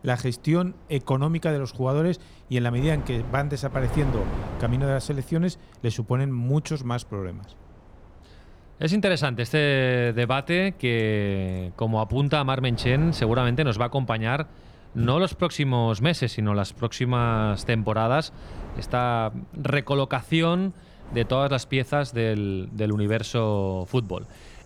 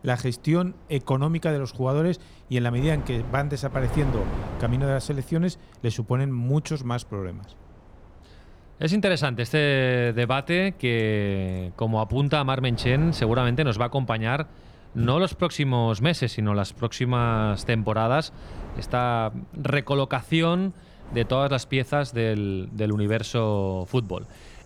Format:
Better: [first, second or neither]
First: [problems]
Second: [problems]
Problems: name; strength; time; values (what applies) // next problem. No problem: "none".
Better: neither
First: wind noise on the microphone; occasional gusts; 20 dB below the speech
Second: wind noise on the microphone; occasional gusts; 20 dB below the speech